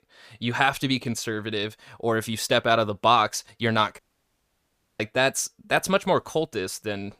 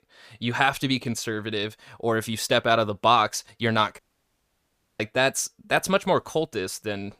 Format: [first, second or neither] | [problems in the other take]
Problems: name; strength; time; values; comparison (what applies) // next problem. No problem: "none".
neither | audio cutting out; at 4 s for 1 s; the same in both